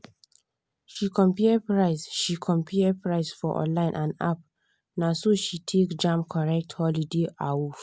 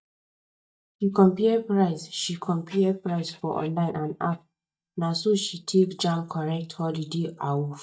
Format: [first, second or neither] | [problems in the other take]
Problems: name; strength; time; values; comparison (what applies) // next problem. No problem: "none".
first | noise reduction (neural mask model DeepFilterNet 3)